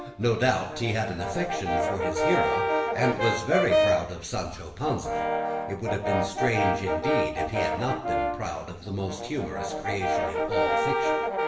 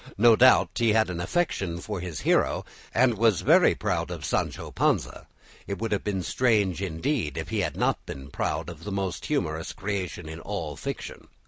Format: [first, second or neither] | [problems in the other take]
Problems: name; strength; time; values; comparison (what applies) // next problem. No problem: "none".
second | background sound (Brass instrument); 2 dB above the speech // room echo; dies away in 1.1 s